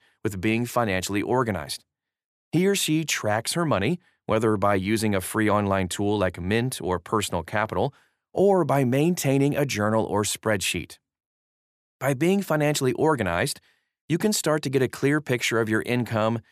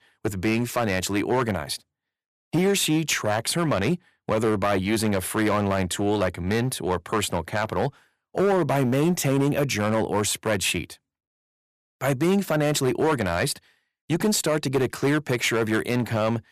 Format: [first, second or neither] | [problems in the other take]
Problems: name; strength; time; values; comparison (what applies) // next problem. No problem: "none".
first | distortion; slight; 8% of the sound clipped